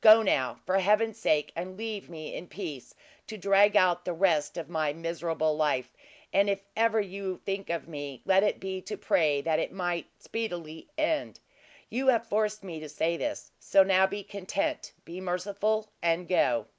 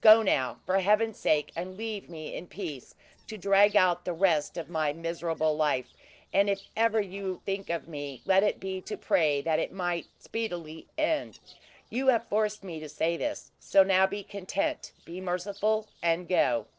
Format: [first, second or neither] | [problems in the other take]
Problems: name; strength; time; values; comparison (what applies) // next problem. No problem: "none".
first | noise reduction (neural separator model SepFormer DNS4)